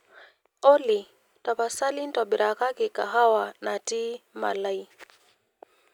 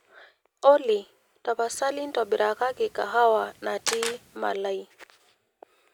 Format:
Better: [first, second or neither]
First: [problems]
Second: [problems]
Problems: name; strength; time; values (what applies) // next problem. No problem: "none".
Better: first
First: none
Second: background sound (Camera); 12 dB below the speech